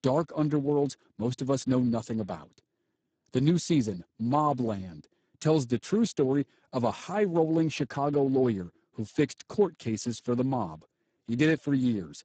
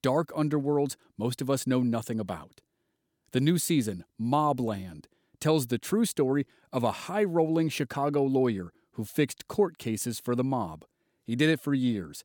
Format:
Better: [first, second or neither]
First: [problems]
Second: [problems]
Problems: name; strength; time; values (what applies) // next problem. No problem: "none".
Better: second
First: garbled, watery; badly; nothing above 8 kHz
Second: none